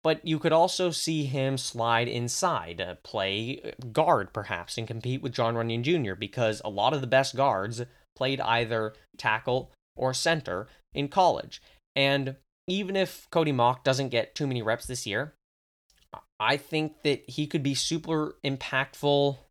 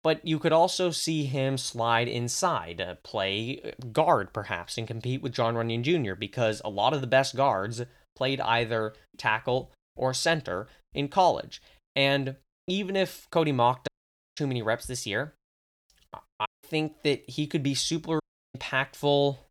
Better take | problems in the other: first | audio cutting out; at 14 s, at 16 s and at 18 s

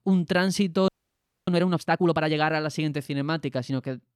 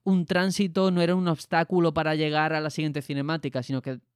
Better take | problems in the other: second | audio freezing; at 1 s for 0.5 s

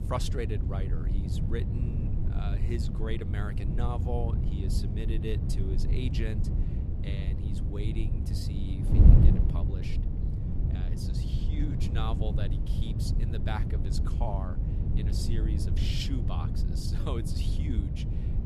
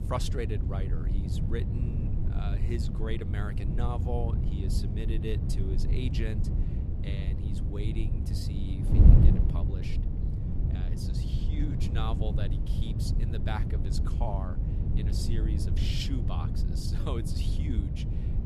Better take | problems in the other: neither | wind noise on the microphone; heavy; 2 dB below the speech; the same in both

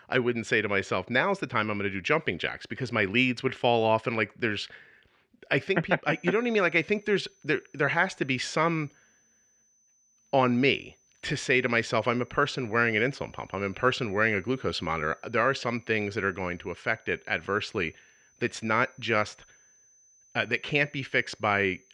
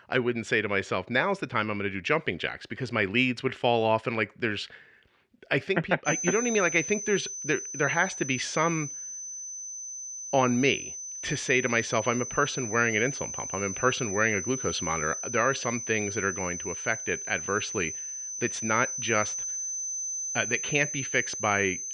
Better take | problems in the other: first | high-pitched whine; loud; from 6 s on; 6 kHz, 5 dB below the speech; faint in the first

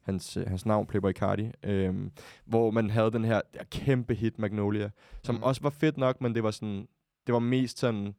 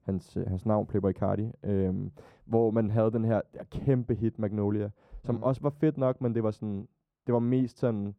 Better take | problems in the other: first | muffled; slightly; fading above 1.5 kHz

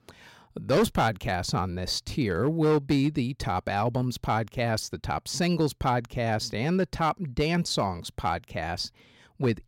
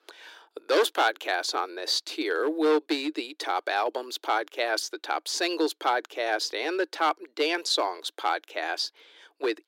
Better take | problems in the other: first | thin; very; fading below 300 Hz

